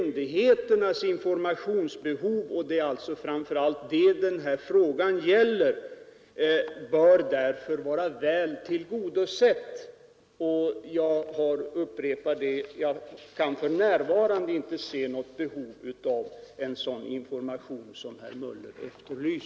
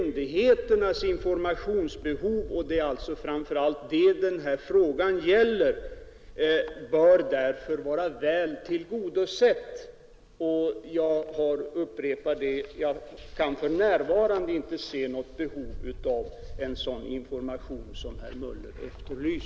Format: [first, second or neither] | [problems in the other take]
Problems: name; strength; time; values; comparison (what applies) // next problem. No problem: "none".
first | background sound (Wind / Bird); 17 dB below the speech